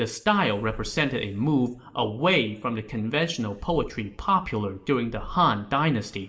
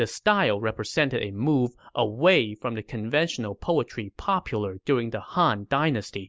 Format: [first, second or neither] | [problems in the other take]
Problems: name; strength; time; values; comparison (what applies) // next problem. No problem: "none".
second | background sound (Purr); 17 dB below the speech // room echo; dies away in 1.3 s